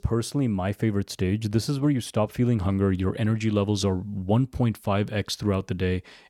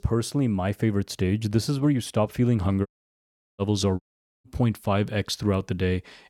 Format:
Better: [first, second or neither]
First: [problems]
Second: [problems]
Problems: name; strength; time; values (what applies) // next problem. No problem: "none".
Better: first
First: none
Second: audio cutting out; at 3 s for 0.5 s and at 4 s